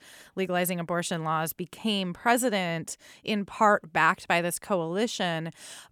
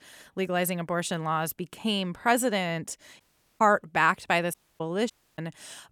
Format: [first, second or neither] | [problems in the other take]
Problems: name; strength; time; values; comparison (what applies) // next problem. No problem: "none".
first | audio cutting out; at 3 s, at 4.5 s and at 5 s